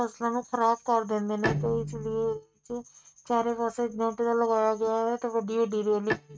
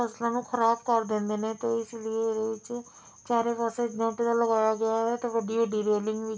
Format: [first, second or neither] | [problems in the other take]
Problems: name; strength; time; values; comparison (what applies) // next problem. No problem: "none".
second | noise reduction (neural mask model RNNoise)